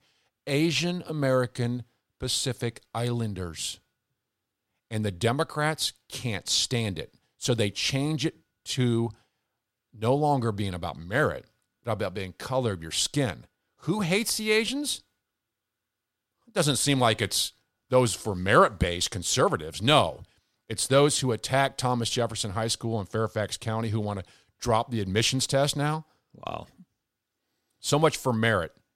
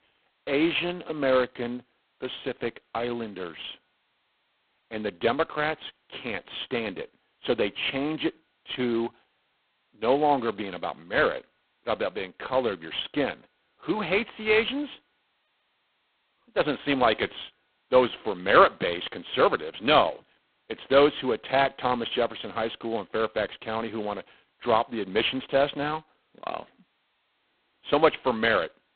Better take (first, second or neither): first